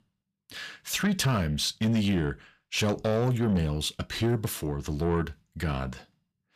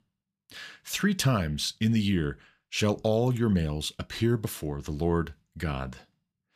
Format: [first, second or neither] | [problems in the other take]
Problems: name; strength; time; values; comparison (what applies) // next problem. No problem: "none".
second | distortion; slight; 10 dB below the speech